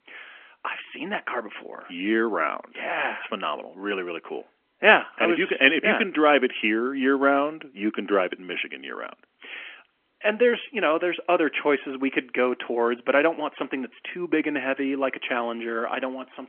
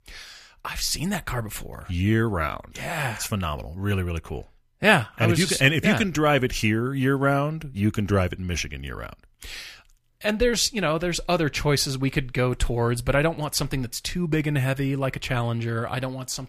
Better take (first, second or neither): second